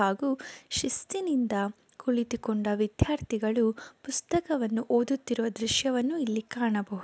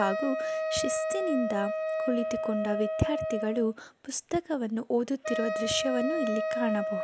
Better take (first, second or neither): first